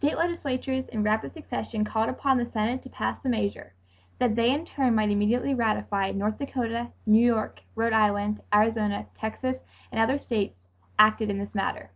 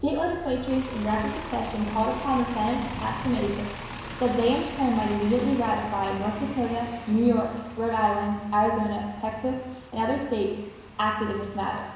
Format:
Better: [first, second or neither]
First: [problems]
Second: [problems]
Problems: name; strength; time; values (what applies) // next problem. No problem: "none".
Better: first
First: none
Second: background sound (Bus); 13 dB below the speech // room echo; dies away in 1 s